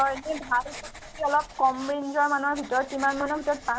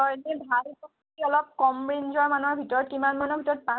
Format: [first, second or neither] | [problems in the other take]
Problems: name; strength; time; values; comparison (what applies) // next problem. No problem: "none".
second | background sound (Writing); 16 dB below the speech